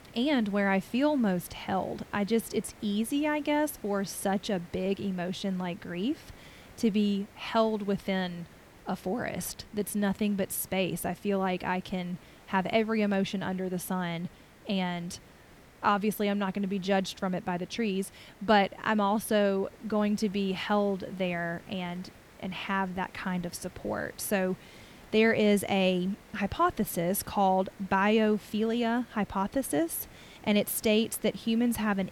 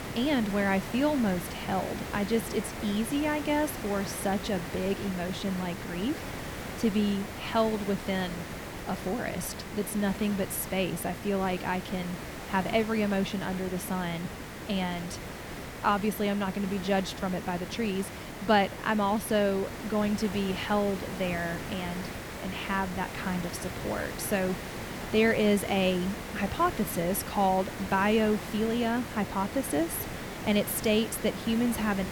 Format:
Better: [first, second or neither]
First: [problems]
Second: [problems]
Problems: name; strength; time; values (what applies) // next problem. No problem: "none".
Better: first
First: hiss; faint; throughout; 25 dB below the speech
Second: hiss; loud; throughout; 9 dB below the speech